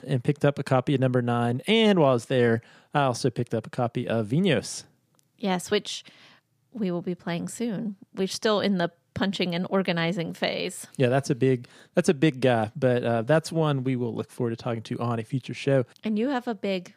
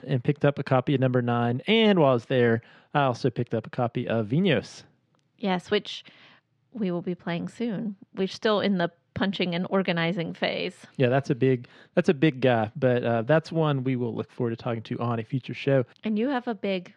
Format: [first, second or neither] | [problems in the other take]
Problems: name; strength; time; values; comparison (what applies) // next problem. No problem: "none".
first | muffled; very slightly; fading above 3 kHz